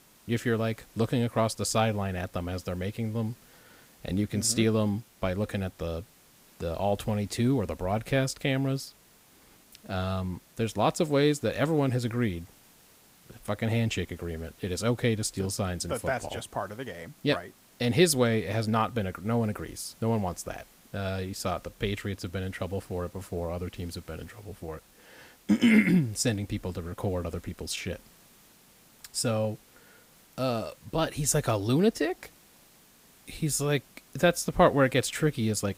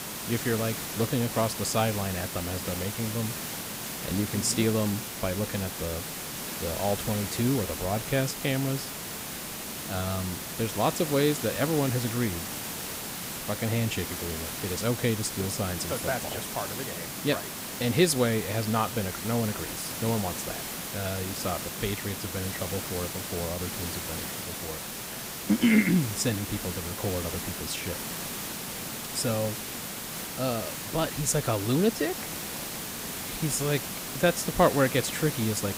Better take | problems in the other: first | hiss; loud; throughout; 4 dB below the speech; faint in the first

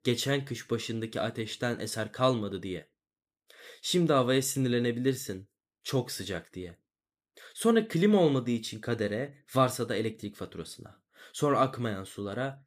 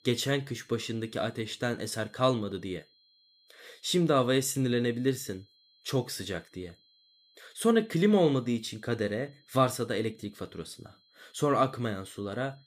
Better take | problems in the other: first | high-pitched whine; faint; throughout; 4 kHz, 35 dB below the speech

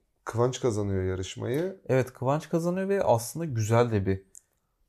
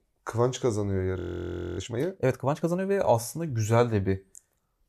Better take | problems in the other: first | audio freezing; at 1 s for 0.5 s

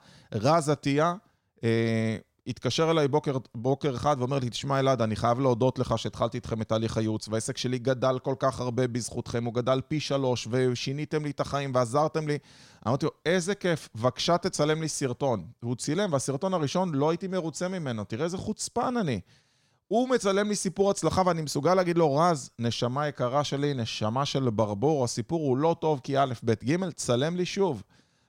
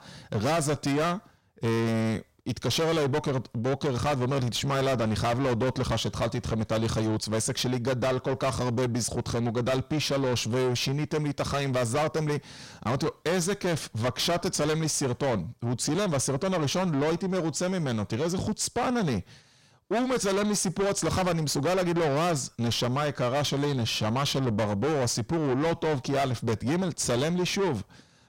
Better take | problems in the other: first | distortion; heavy; 6 dB below the speech

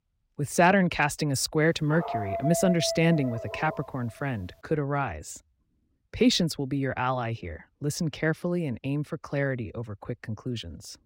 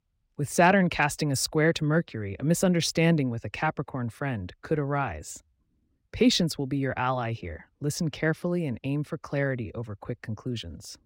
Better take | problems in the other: second | dog barking; noticeable; from 2 to 4 s; peak 3 dB below the speech

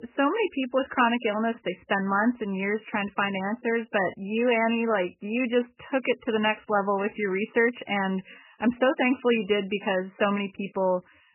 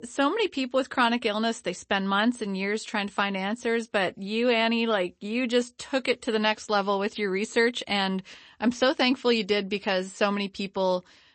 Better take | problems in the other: second | garbled, watery; badly; nothing above 3 kHz; slightly in the second

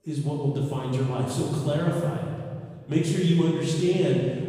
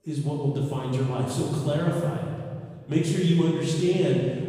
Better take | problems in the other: neither | off-mic speech; far; the same in both // room echo; strong; dies away in 1.9 s; the same in both

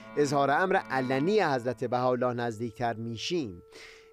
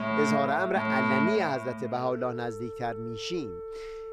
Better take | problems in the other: first | alarms or sirens; loud; throughout; 1 dB below the speech; faint in the first

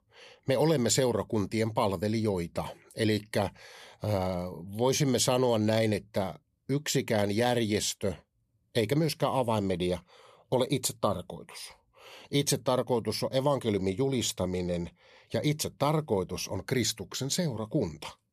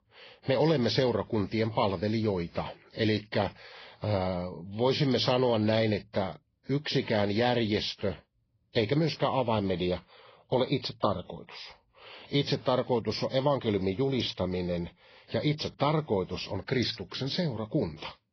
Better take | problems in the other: first | garbled, watery; badly; nothing above 5.5 kHz

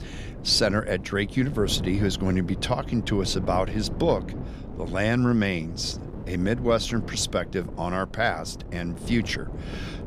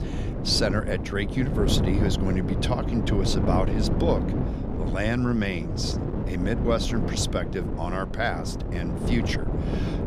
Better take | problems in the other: first | wind noise on the microphone; heavy; 5 dB below the speech; occasional gusts in the first

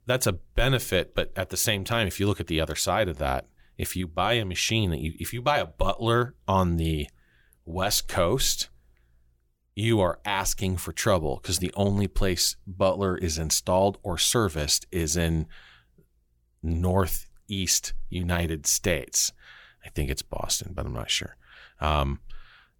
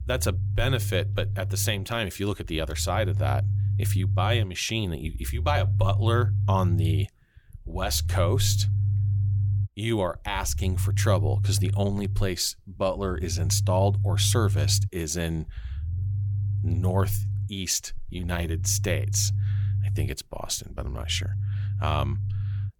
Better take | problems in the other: first | low rumble; noticeable; throughout; 15 dB below the speech

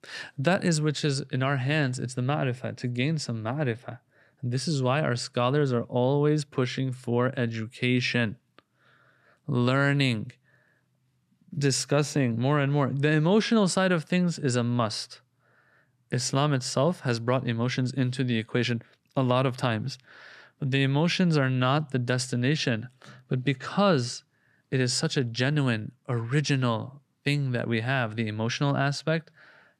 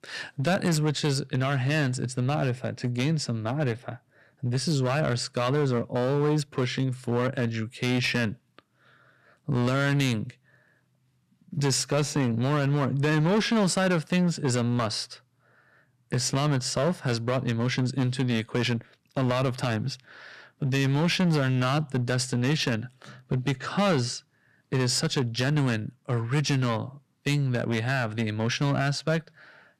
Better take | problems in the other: first | distortion; slight; 10% of the sound clipped

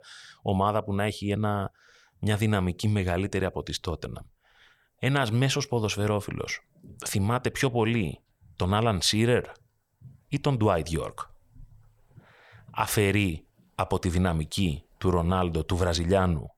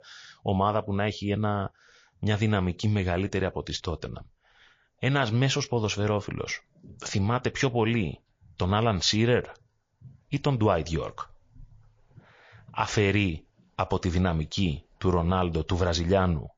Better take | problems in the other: first | garbled, watery; slightly; nothing above 6 kHz

